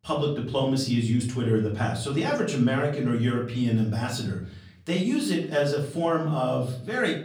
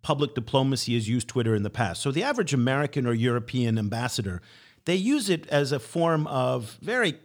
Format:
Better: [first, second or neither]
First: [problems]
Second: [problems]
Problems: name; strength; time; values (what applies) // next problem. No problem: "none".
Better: second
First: room echo; slight; dies away in 0.5 s // off-mic speech; far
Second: none